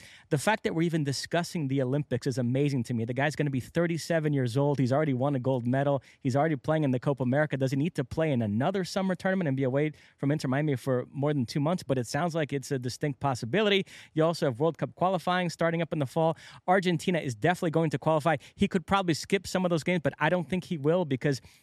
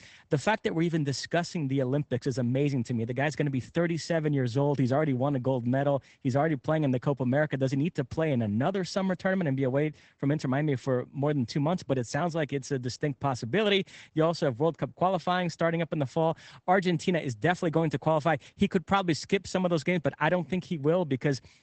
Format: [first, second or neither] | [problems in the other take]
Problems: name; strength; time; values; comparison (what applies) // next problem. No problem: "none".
first | garbled, watery; badly; nothing above 8 kHz